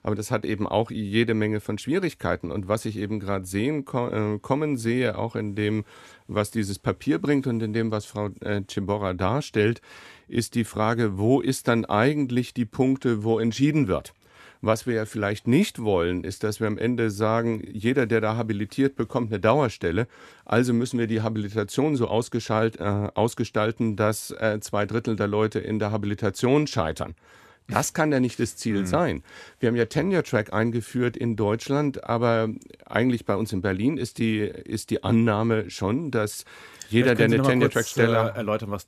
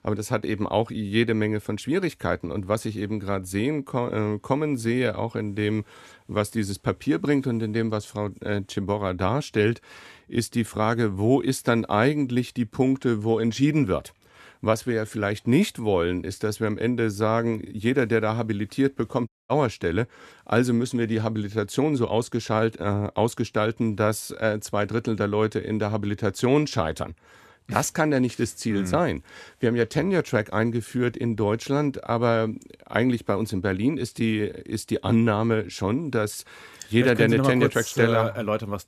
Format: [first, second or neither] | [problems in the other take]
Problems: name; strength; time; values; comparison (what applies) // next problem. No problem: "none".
first | audio cutting out; at 19 s